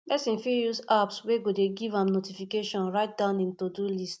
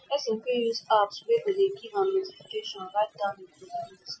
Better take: first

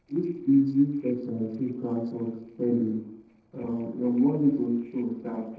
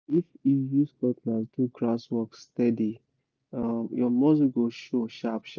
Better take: second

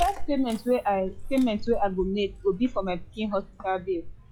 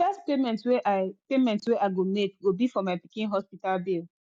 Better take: second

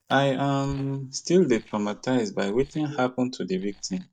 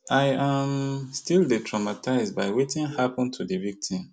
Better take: second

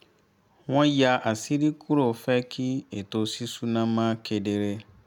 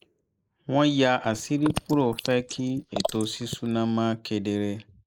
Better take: first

